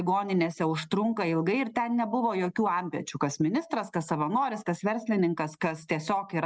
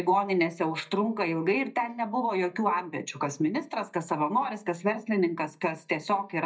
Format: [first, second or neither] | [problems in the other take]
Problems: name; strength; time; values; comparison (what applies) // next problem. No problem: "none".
first | noise reduction (neural mask model DeepFilterNet 3)